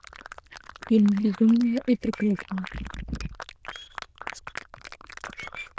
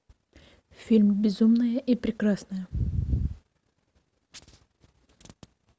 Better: second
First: noise reduction (neural diffusion model UNIVERSE++)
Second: none

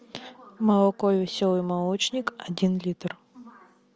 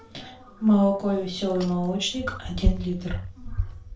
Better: first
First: none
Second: background sound (Bicycle); 5 dB below the speech // room echo; dies away in 0.3 s

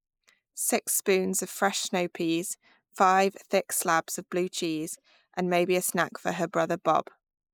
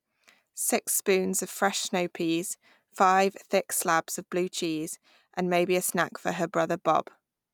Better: second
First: noise reduction (neural mask model Resemble Enhance denoiser)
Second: none

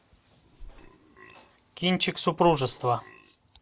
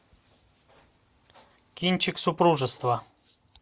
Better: second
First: background sound (Burping, eructation); 20 dB below the speech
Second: none

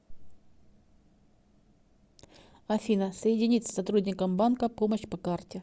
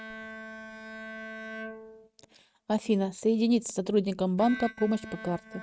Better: first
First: none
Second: noise reduction (neural mask model RNNoise)

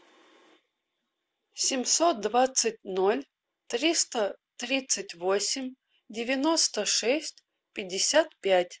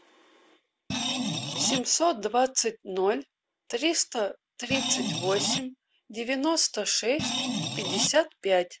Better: first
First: none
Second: background sound (Screech); 2 dB below the speech

